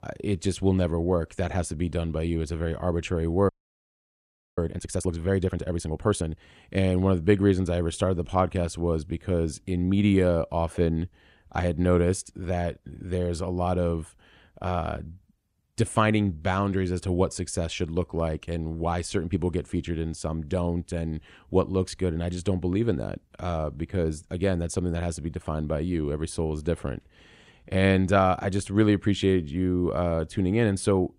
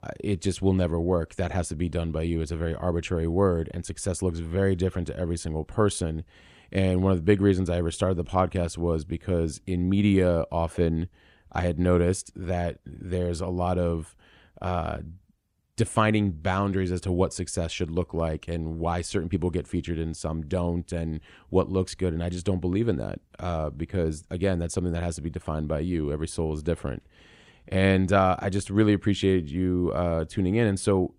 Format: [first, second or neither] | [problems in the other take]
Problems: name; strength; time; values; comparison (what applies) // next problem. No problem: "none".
second | audio freezing; at 3.5 s for 1 s